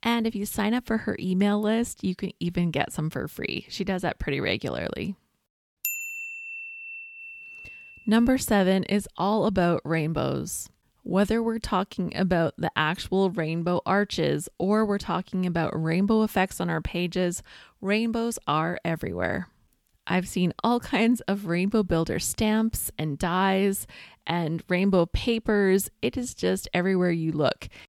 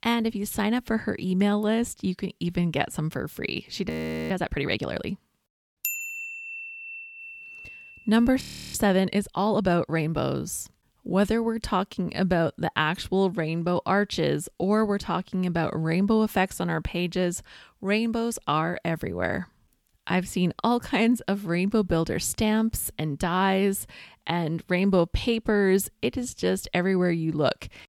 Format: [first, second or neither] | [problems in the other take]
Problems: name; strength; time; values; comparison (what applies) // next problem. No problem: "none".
first | audio freezing; at 4 s and at 8.5 s